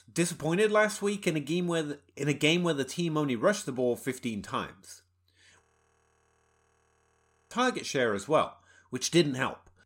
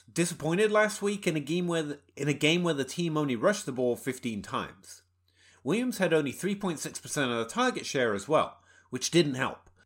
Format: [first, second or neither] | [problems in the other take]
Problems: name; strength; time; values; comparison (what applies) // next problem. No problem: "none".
second | audio freezing; at 5.5 s for 2 s